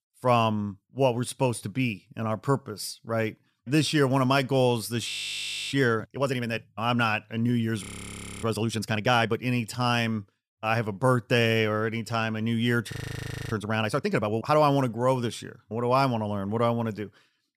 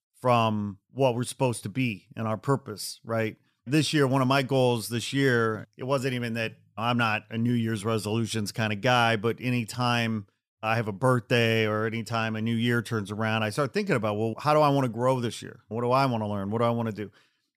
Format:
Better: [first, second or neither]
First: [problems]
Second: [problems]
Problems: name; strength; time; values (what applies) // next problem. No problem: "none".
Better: second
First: audio freezing; at 5 s for 0.5 s, at 8 s for 0.5 s and at 13 s for 0.5 s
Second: none